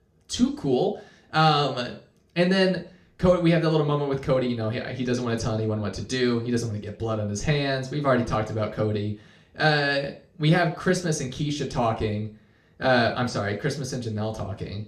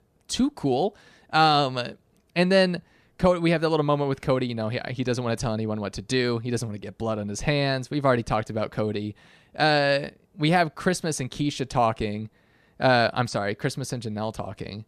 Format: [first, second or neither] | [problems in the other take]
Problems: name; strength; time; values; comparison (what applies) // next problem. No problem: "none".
second | room echo; very slight; dies away in 0.4 s // off-mic speech; somewhat distant